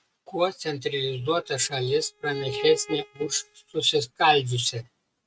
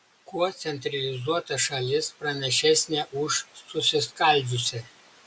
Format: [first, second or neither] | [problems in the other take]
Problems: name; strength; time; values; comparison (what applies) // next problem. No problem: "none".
second | noise reduction (neural mask model RNNoise)